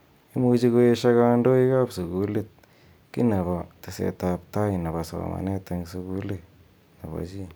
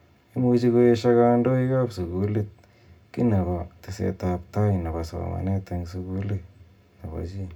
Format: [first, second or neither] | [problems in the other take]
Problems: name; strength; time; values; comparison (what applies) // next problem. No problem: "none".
first | room echo; dies away in 0.2 s